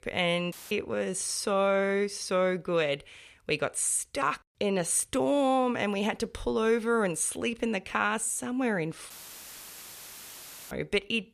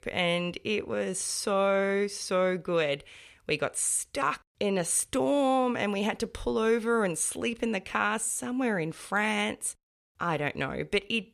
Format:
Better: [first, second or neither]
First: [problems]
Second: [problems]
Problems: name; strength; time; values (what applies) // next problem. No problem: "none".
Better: second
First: audio cutting out; filled with static; at 0.5 s and at 9 s for 1.5 s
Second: none